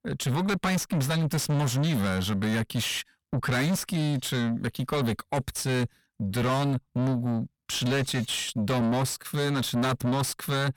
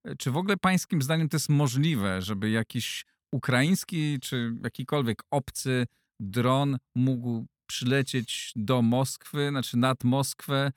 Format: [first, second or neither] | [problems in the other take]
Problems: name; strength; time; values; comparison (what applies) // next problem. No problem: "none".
second | distortion; heavy; 6 dB below the speech